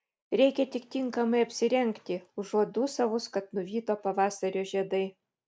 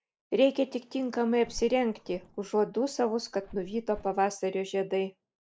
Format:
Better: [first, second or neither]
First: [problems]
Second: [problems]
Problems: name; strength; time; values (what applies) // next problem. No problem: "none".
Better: first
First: none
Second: noise reduction (neural mask model Resemble Enhance denoiser)